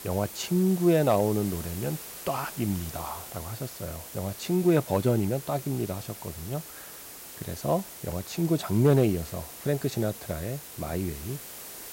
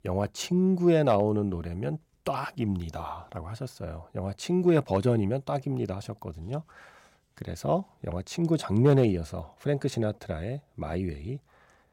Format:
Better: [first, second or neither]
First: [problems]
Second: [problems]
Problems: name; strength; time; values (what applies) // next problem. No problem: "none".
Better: second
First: hiss; noticeable; throughout; 10 dB below the speech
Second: none